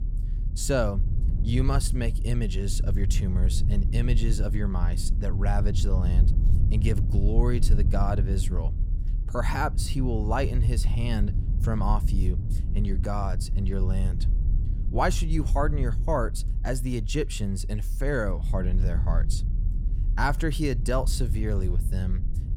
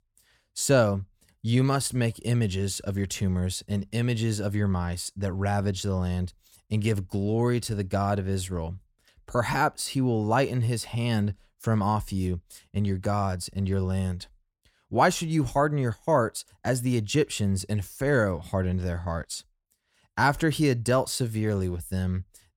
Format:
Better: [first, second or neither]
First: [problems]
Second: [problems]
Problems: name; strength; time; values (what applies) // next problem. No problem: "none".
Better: second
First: low rumble; noticeable; throughout; 10 dB below the speech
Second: none